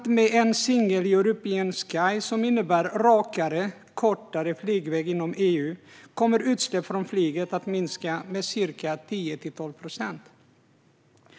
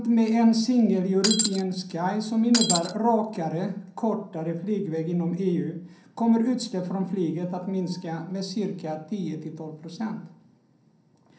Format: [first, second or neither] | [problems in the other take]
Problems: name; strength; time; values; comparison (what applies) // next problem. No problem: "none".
first | background sound (Shatter); 1 dB above the speech // room echo; dies away in 0.6 s